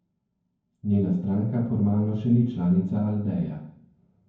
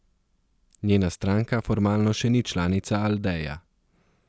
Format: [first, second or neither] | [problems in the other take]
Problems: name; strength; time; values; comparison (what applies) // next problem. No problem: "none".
second | room echo; dies away in 0.9 s